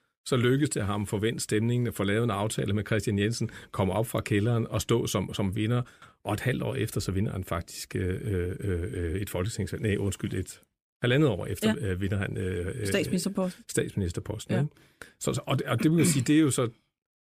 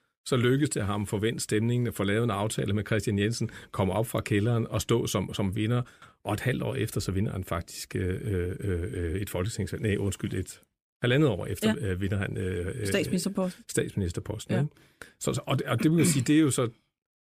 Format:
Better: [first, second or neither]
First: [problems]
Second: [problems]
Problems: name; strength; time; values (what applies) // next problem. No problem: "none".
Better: neither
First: none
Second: none